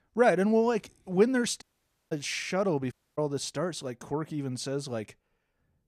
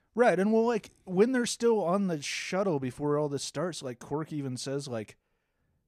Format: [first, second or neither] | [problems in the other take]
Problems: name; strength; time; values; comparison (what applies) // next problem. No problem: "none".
second | audio cutting out; at 1.5 s and at 3 s